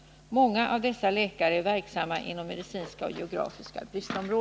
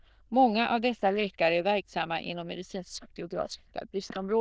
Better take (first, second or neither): first